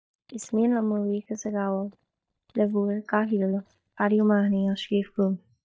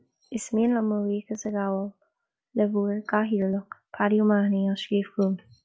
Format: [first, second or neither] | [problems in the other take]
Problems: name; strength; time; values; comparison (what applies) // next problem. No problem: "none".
second | noise reduction (neural mask model DeepFilterNet 3)